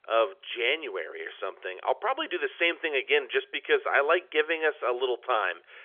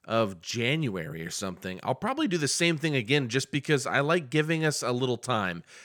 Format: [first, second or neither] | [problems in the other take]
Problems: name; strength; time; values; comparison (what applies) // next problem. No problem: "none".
second | phone-call audio; nothing above 3.5 kHz